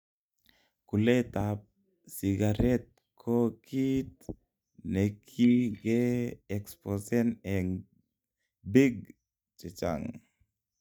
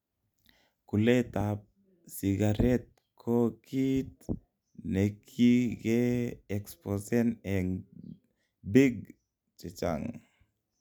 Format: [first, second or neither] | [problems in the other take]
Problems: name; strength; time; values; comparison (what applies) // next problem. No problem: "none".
second | noise reduction (neural mask model DeepFilterNet 3)